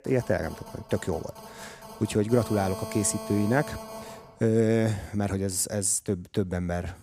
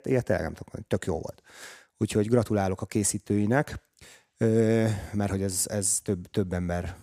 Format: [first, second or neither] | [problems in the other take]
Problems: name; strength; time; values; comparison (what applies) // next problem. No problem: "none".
second | phone ringing; noticeable; until 4.5 s; peak 9 dB below the speech